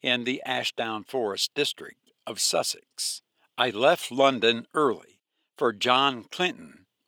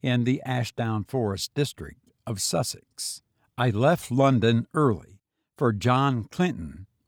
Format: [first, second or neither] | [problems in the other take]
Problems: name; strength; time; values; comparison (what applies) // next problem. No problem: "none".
second | thin; somewhat; fading below 400 Hz